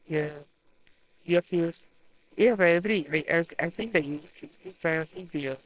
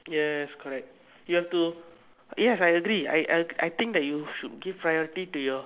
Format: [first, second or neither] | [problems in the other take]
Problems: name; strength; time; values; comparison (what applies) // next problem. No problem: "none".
second | noise reduction (neural separator model SepFormer WHAMR!)